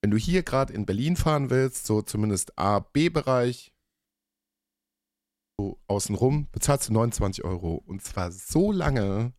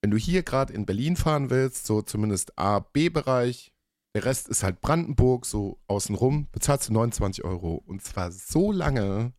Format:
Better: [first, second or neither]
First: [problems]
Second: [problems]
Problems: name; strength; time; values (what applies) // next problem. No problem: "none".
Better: second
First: audio freezing; at 4 s for 1.5 s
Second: none